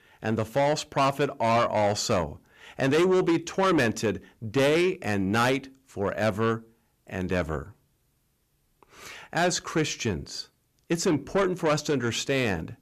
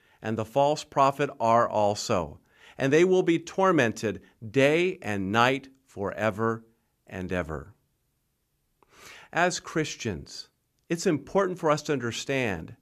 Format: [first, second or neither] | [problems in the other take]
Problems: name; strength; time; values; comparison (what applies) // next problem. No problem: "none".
second | distortion; heavy; 8 dB below the speech